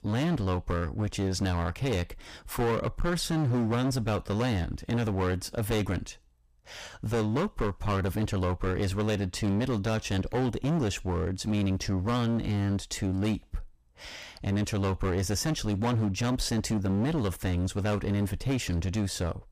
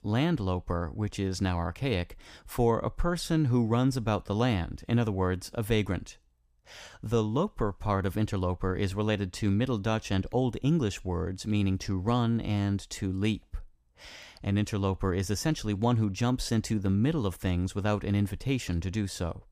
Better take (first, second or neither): second